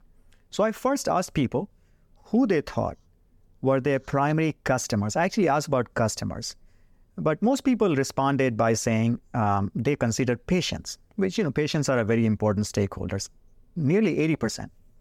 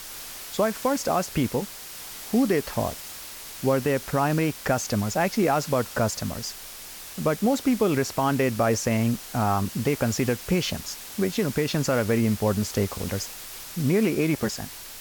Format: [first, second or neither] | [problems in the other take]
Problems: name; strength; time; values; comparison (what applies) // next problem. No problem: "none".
first | hiss; noticeable; throughout; 10 dB below the speech